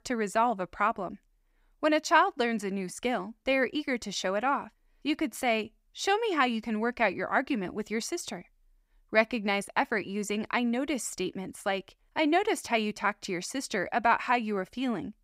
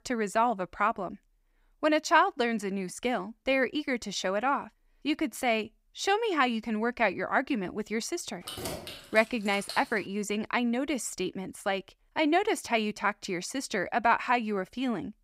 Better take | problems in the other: first | jangling keys; noticeable; from 8.5 to 10 s; peak 7 dB below the speech

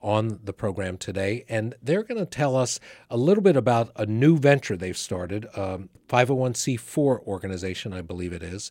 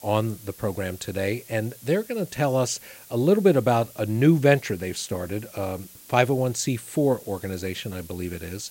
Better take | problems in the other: first | hiss; noticeable; throughout; 20 dB below the speech

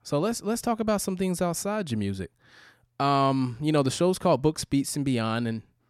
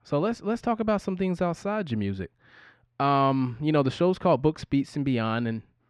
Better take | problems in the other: first | muffled; slightly; fading above 2.5 kHz

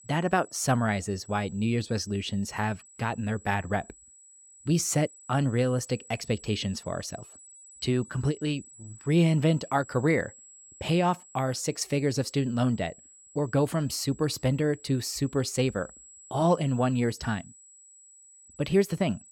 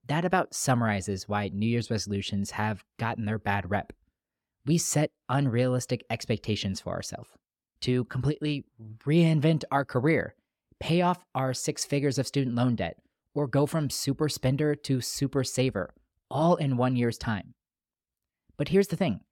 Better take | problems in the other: second | high-pitched whine; faint; throughout; 8 kHz, 20 dB below the speech

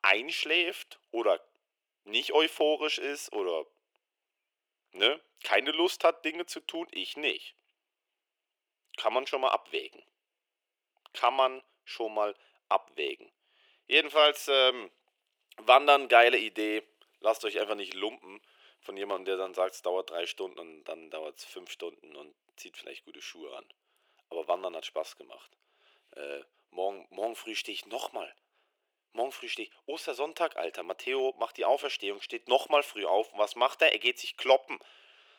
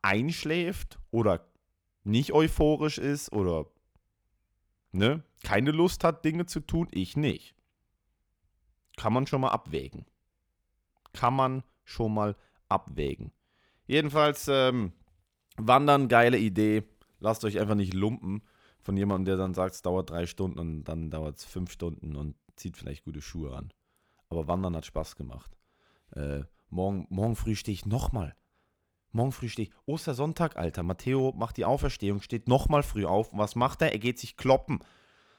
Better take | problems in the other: second | thin; very; fading below 350 Hz

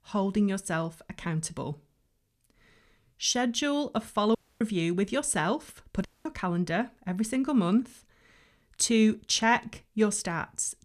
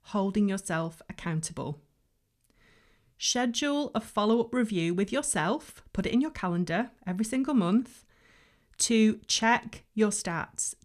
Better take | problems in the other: second | audio cutting out; at 4.5 s and at 6 s

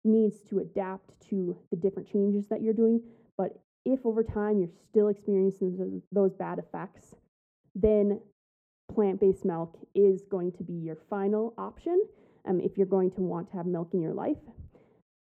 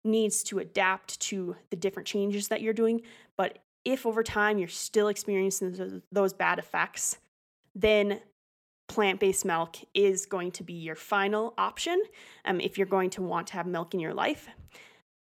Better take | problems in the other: second | muffled; very; fading above 1 kHz

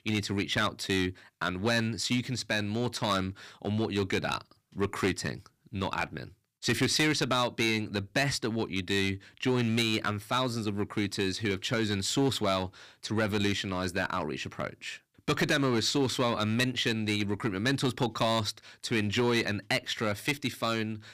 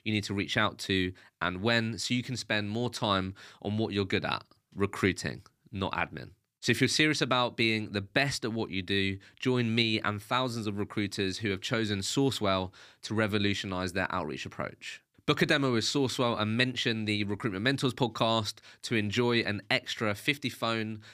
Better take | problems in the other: second | distortion; slight; 4% of the sound clipped

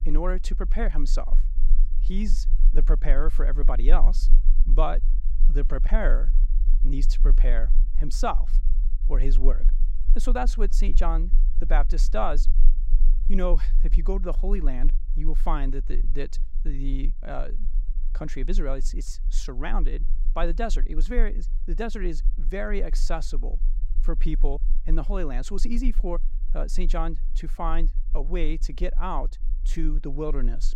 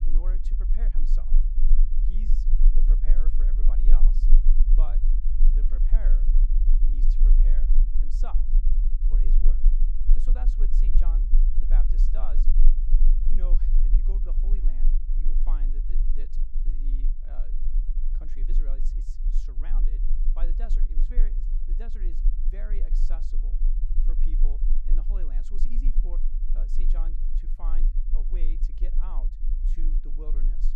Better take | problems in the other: first | low rumble; loud; throughout; 3 dB below the speech; faint in the first

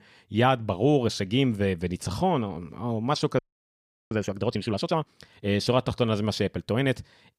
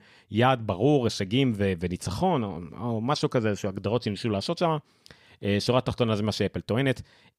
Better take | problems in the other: second | audio freezing; at 3.5 s for 0.5 s

